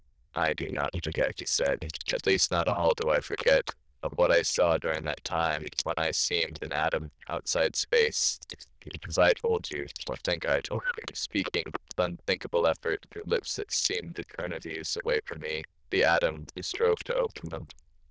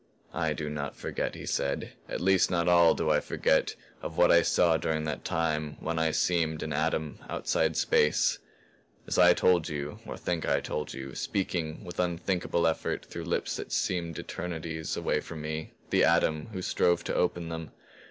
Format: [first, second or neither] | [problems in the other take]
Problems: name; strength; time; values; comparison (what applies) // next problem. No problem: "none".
second | noise reduction (neural diffusion model UNIVERSE++)